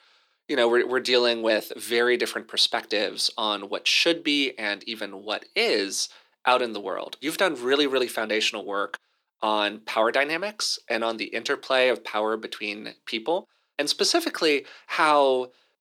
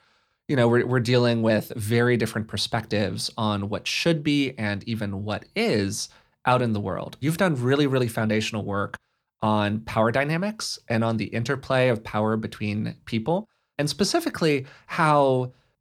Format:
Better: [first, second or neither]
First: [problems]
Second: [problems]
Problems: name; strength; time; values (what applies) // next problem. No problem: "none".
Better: second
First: thin; somewhat; fading below 350 Hz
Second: none